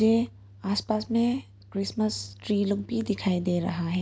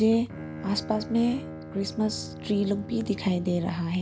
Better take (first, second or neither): first